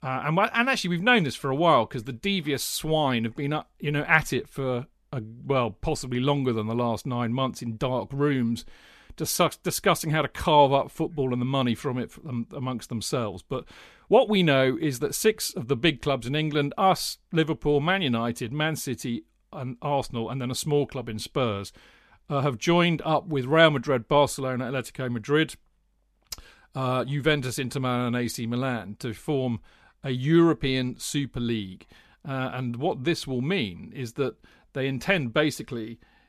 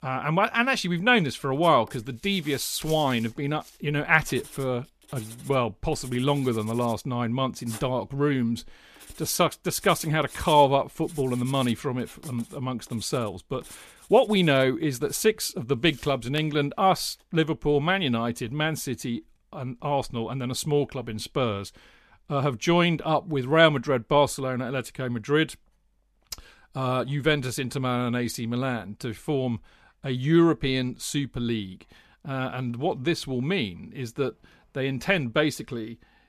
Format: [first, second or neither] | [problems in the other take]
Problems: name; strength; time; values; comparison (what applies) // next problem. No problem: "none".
first | household noises; faint; throughout; 20 dB below the speech